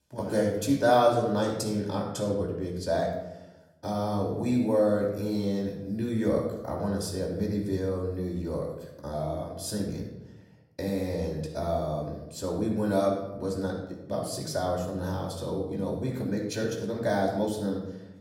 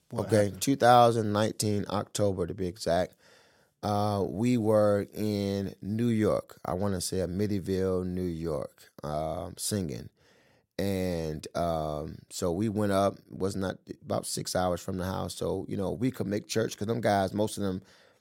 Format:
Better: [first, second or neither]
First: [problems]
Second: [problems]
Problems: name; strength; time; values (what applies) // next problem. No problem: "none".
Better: second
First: off-mic speech; far // room echo; noticeable; dies away in 0.8 s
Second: none